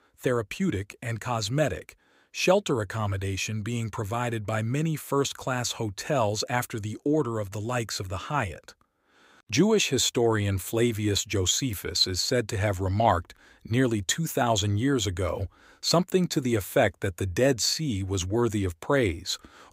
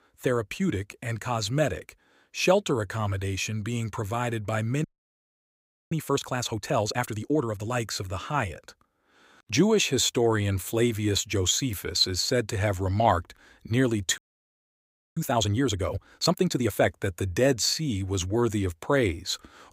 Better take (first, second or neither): first